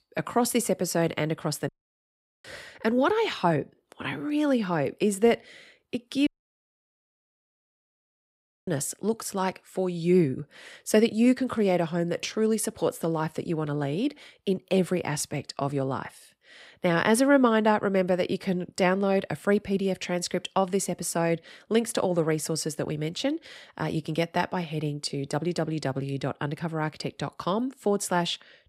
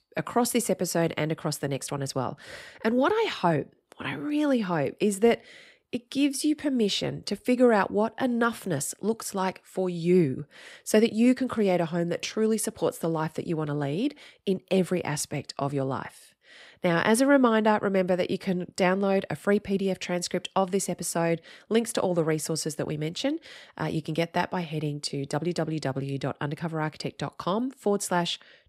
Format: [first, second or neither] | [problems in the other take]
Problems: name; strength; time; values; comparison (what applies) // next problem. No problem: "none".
second | audio cutting out; at 1.5 s for 1 s and at 6.5 s for 2.5 s